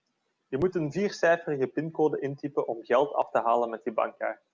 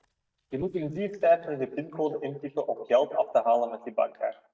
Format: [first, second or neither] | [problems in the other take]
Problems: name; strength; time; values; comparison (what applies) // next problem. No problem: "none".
first | noise reduction (neural mask model DeepFilterNet 3)